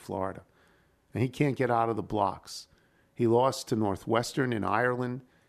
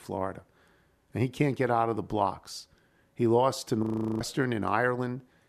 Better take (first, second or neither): first